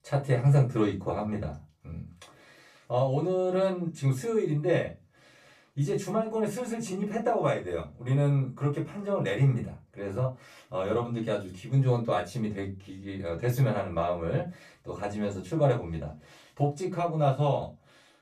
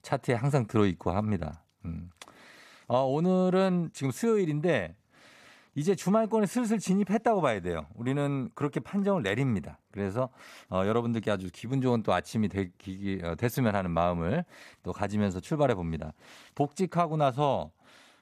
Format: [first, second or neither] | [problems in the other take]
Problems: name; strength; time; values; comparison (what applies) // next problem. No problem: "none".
second | off-mic speech; far // room echo; very slight; dies away in 0.2 s